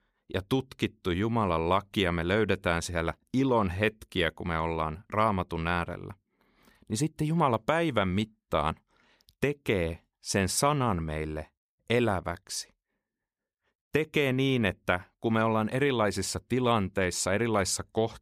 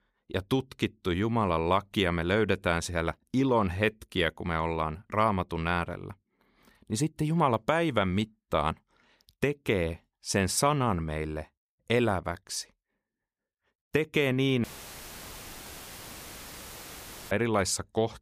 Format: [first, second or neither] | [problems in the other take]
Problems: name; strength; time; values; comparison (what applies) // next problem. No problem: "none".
first | audio cutting out; filled with static; at 15 s for 2.5 s